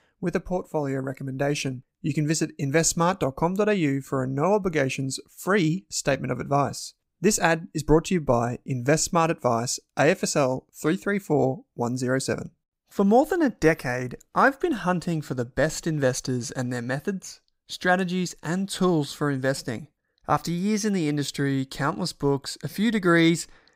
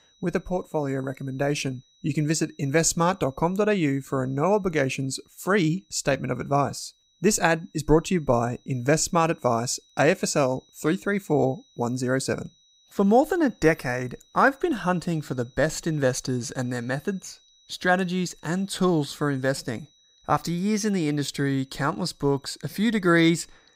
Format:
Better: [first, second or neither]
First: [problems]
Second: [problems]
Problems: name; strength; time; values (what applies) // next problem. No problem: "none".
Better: first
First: none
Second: high-pitched whine; faint; throughout; 4 kHz, 35 dB below the speech